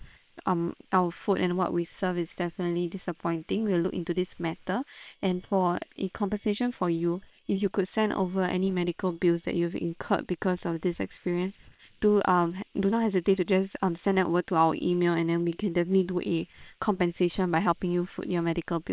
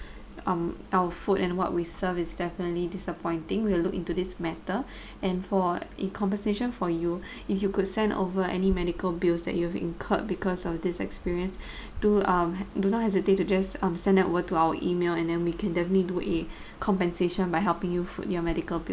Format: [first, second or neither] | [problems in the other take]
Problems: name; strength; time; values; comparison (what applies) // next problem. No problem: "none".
second | noise reduction (neural separator model SepFormer WHAM!)